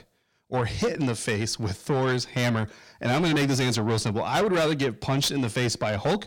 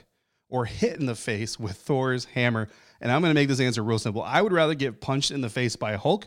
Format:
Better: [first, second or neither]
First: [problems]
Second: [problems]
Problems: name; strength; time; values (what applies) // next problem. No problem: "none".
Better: second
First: distortion; heavy; 7 dB below the speech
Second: none